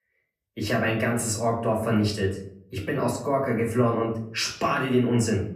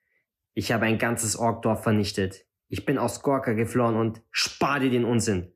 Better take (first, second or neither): second